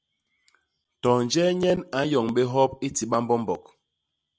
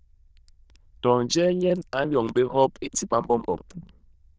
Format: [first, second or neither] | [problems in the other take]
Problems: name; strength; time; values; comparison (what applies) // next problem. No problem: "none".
first | noise reduction (neural diffusion model UNIVERSE++)